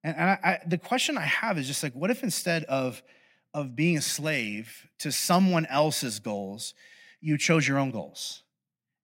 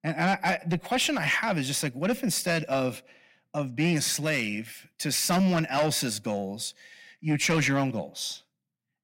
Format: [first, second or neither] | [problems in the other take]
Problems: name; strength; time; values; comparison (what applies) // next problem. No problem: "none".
first | distortion; slight; 10 dB below the speech